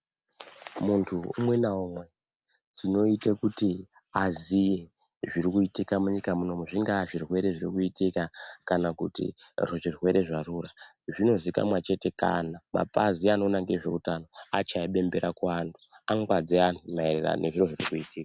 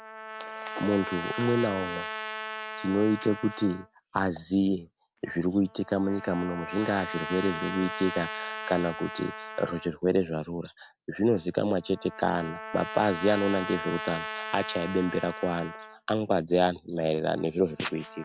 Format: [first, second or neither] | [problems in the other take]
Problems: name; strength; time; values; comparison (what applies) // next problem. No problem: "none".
first | background sound (Trumpet); 10 dB below the speech